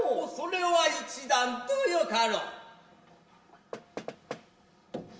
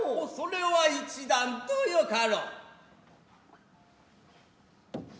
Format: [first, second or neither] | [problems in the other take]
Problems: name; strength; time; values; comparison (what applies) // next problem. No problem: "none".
second | background sound (Knock); 12 dB below the speech // room echo; dies away in 0.2 s